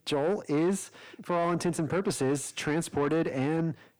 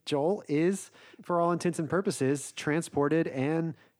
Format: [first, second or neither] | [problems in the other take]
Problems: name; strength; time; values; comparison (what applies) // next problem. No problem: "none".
second | distortion; slight; 10 dB below the speech